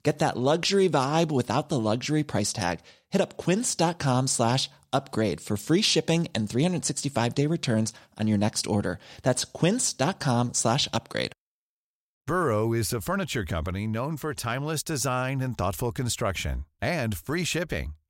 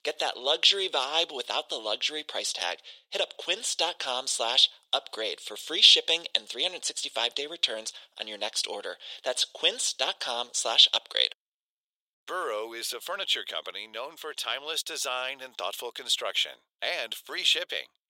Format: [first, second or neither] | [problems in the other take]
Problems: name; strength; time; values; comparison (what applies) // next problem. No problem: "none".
first | thin; very; fading below 450 Hz